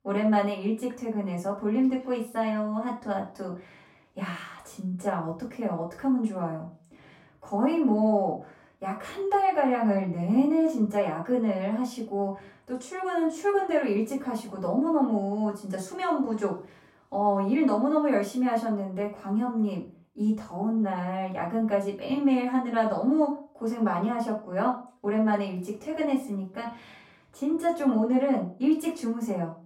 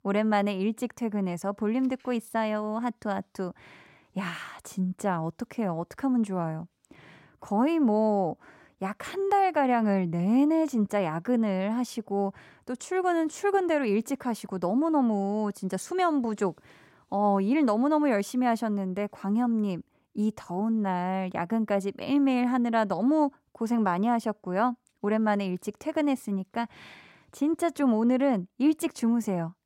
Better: second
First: off-mic speech; far // room echo; slight; dies away in 0.3 s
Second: none

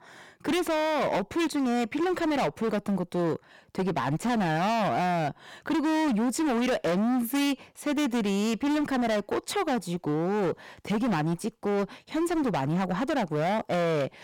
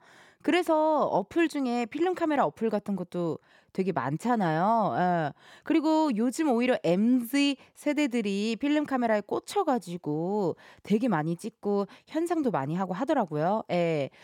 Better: second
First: distortion; heavy; 30% of the sound clipped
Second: none

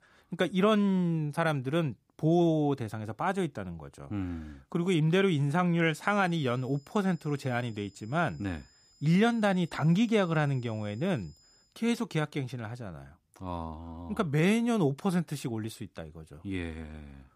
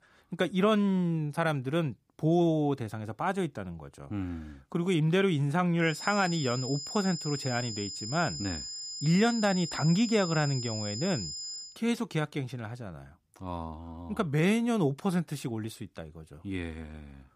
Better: first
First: high-pitched whine; faint; from 6 to 12 s; 5 kHz, 30 dB below the speech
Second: high-pitched whine; loud; from 6 to 12 s; 5 kHz, 7 dB below the speech

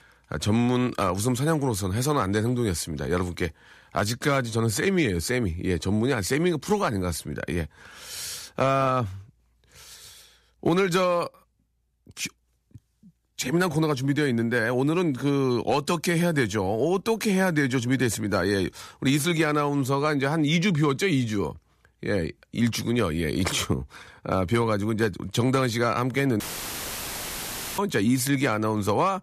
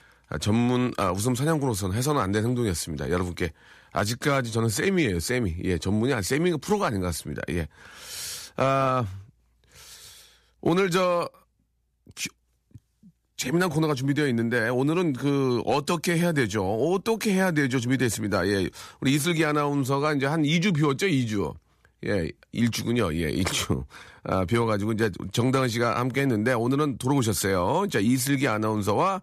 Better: second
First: audio cutting out; filled with static; at 26 s for 1.5 s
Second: none

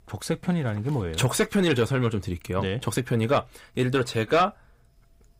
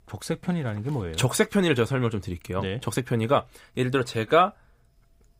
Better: second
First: distortion; slight; 10 dB below the speech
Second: none

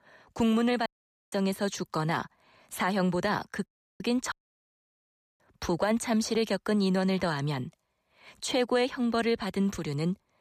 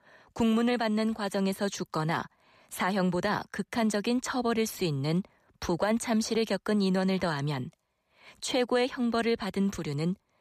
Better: second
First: audio cutting out; at 1 s, at 3.5 s and at 4.5 s for 1 s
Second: none

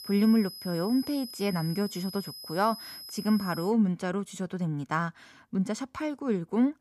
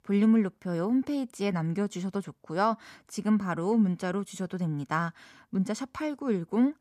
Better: second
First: high-pitched whine; noticeable; until 3.5 s; 5 kHz, 10 dB below the speech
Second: none

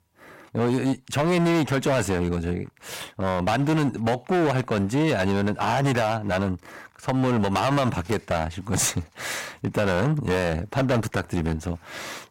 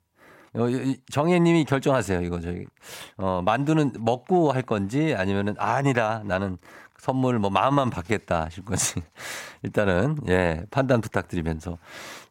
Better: second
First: distortion; heavy; 18% of the sound clipped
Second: none

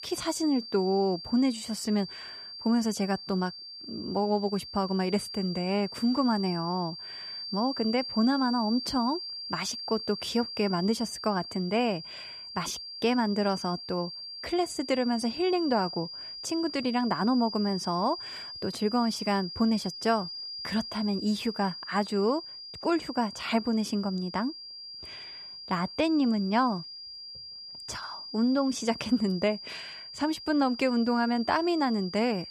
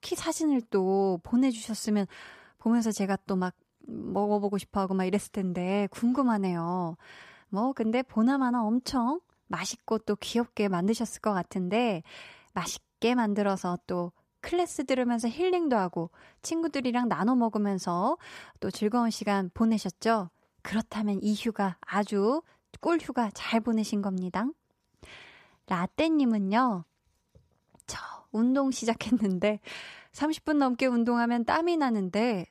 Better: second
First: high-pitched whine; loud; throughout; 5 kHz, 9 dB below the speech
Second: none

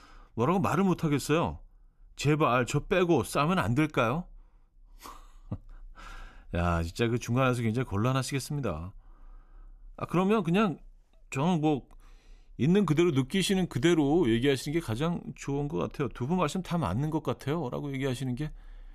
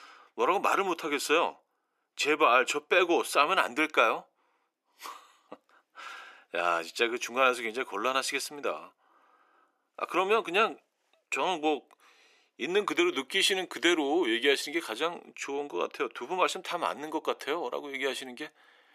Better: first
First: none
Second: thin; very; fading below 350 Hz

